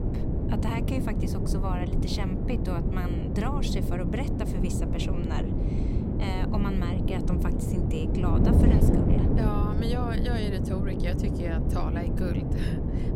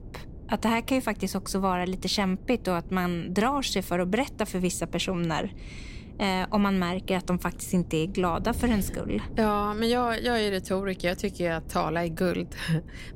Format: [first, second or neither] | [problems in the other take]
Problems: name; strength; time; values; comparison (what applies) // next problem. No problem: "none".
second | wind noise on the microphone; heavy; 1 dB above the speech; occasional gusts in the second